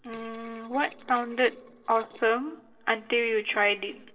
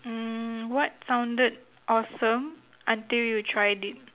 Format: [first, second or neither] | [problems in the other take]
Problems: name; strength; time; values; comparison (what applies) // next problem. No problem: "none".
second | noise reduction (neural separator model SepFormer DNS4)